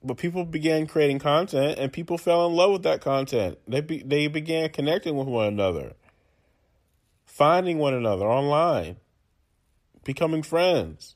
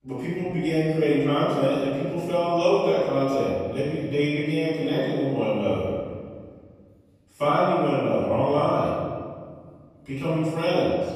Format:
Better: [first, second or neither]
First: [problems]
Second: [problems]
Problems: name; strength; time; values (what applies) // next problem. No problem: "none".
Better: first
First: none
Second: room echo; strong; dies away in 1.8 s // off-mic speech; far